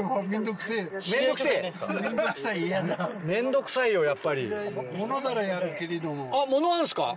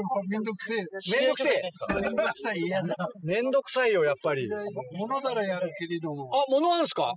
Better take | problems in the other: first | noise reduction (classical method spectral subtraction)

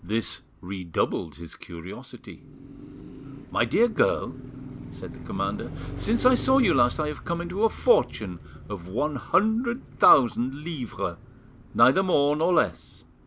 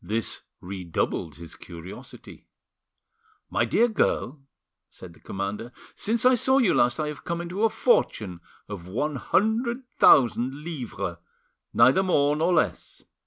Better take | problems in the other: second | background sound (Car passing by); 14 dB below the speech

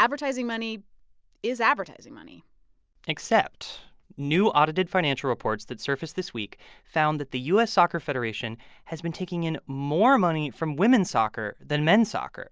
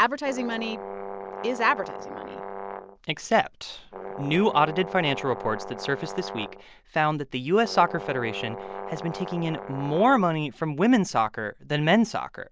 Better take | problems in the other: first | background sound (Brass instrument); 11 dB below the speech

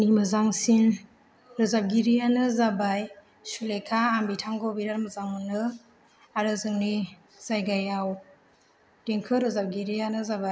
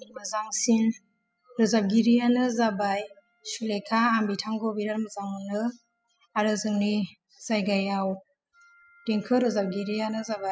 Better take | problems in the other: first | noise reduction (classical method spectral subtraction)

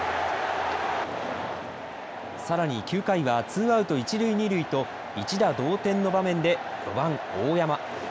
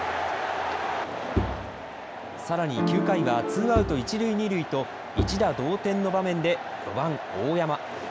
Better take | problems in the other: first | background sound (Bowed string instrument + Piano); 4 dB below the speech

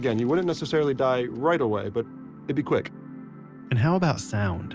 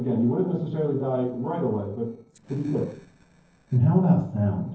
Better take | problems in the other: first | noise reduction (neural separator model SepFormer DNS4)

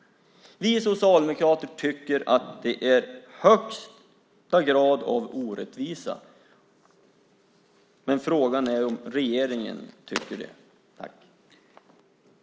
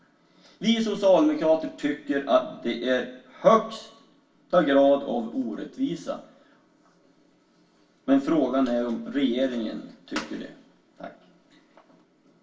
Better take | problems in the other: first | room echo; dies away in 0.3 s

